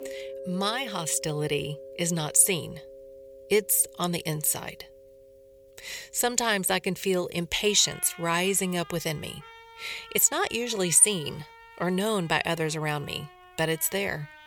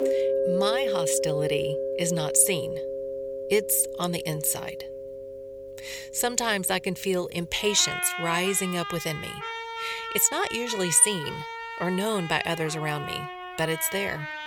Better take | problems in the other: first | background music; loud; throughout; 7 dB below the speech; faint in the first

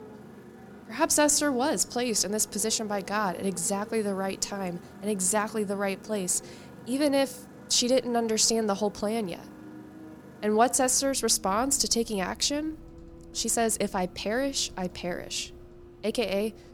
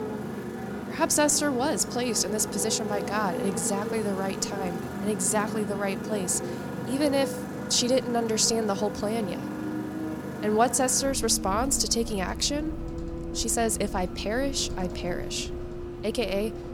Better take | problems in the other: first | traffic noise; loud; throughout; 8 dB below the speech; faint in the first

